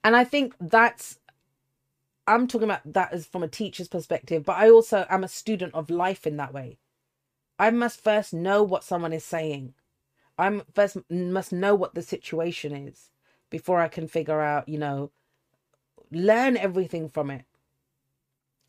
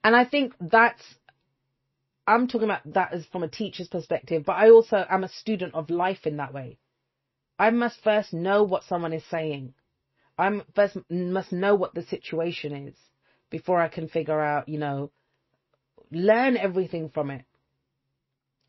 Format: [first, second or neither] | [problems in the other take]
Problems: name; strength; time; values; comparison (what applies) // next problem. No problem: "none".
first | garbled, watery; slightly; nothing above 5.5 kHz